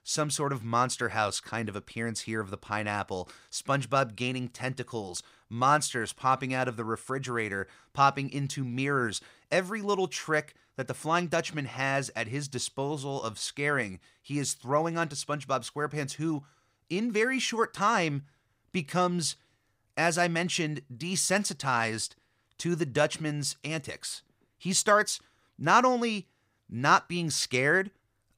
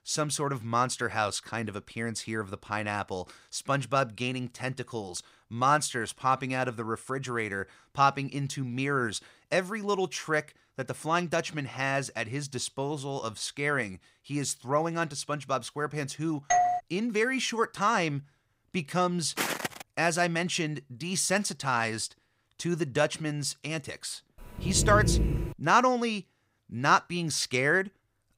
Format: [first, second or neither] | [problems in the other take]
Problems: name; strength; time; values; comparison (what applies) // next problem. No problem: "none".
first | doorbell; loud; at 17 s; peak 4 dB above the speech // footsteps; noticeable; at 19 s; peak 1 dB below the speech // dog barking; loud; from 24 to 26 s; peak 3 dB above the speech